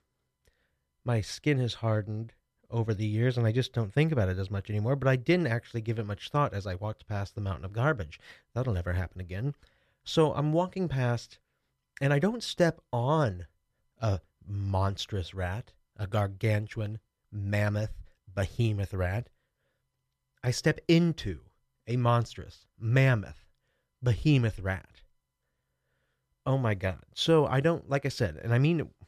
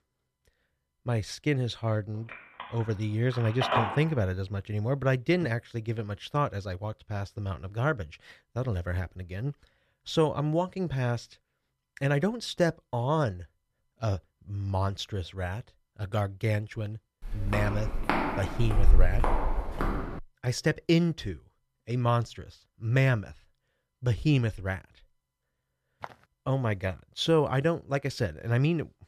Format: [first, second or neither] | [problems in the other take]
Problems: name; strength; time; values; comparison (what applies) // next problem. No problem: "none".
first | phone ringing; loud; from 2.5 to 5.5 s; peak 2 dB above the speech // footsteps; loud; from 17 to 20 s; peak 4 dB above the speech // footsteps; faint; at 26 s; peak 15 dB below the speech